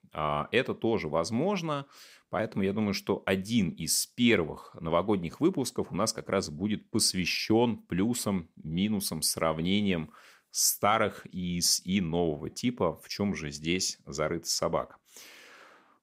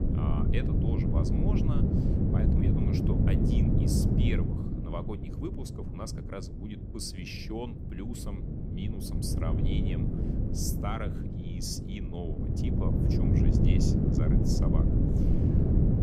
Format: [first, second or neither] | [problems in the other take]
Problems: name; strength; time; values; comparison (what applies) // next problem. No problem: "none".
first | wind noise on the microphone; heavy; 4 dB above the speech